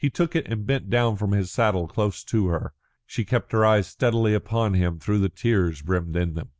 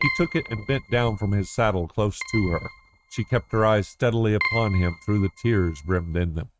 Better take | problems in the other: first | noise reduction (neural mask model RNNoise)

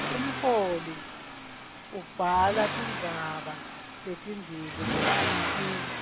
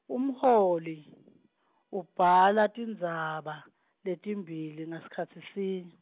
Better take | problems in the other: second | background sound (Accelerating, revving, vroom); 1 dB below the speech // room echo; dies away in 0.3 s

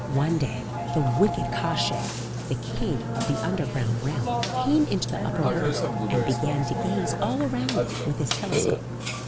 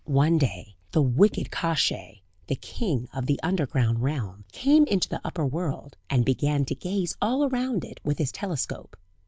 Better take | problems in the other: second | background sound (Burping, eructation); as loud as the speech

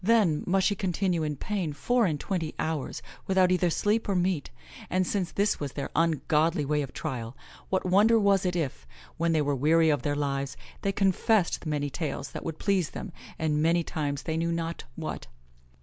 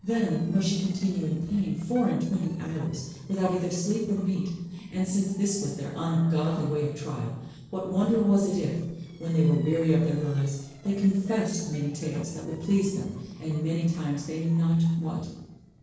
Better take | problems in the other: first | noise reduction (neural separator model SepFormer DNS4)

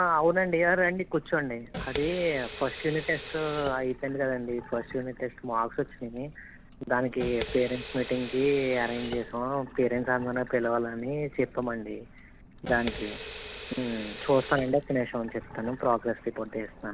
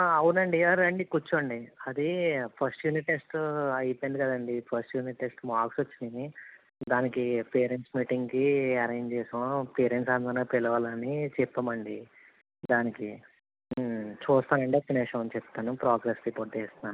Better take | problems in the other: second | background sound (Sink (filling or washing) / Water tap, faucet); 13 dB below the speech

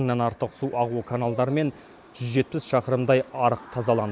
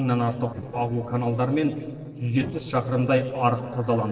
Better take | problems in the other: first | noise reduction (neural separator model SepFormer DNS4)

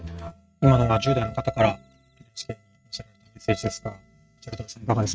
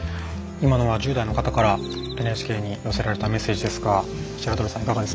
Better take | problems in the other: second | noise reduction (neural mask model RNNoise)

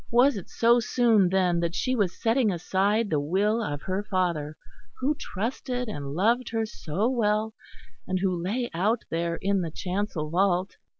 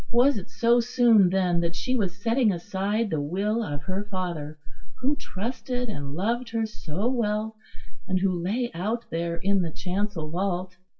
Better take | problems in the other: first | room echo; dies away in 0.2 s

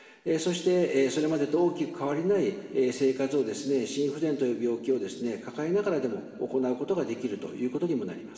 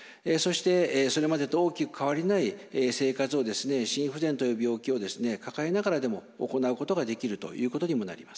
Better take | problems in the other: second | room echo; dies away in 1.9 s

